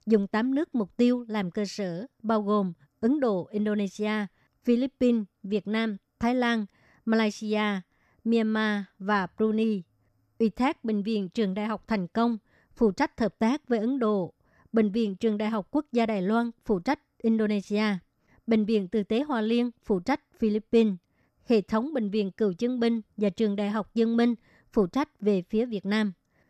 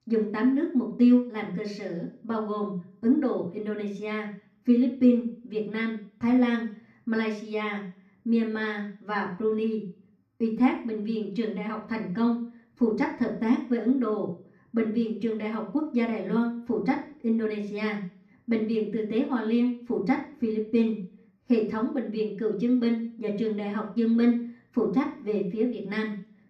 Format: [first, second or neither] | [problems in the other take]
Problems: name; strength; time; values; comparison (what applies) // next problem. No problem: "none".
first | room echo; slight; dies away in 0.5 s // off-mic speech; far